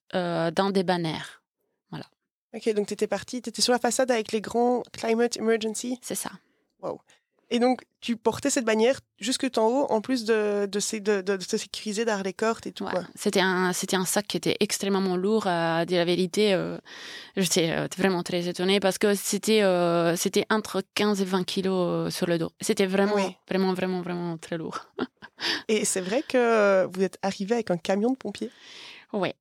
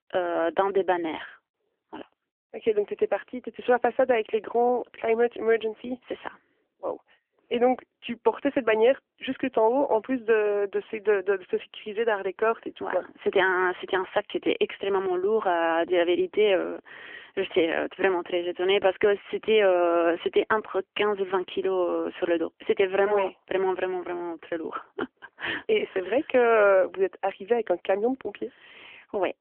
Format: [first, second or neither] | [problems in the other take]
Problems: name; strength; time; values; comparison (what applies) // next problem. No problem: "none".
first | phone-call audio; nothing above 3.5 kHz